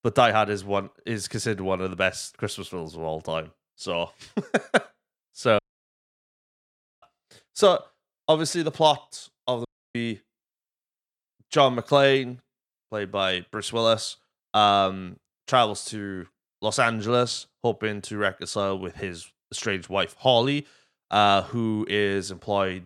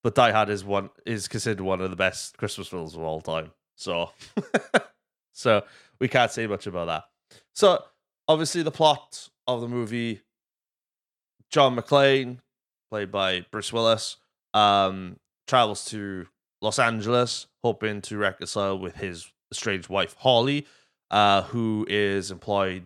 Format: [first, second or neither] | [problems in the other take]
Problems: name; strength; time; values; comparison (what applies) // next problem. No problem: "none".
second | audio cutting out; at 5.5 s for 1.5 s and at 9.5 s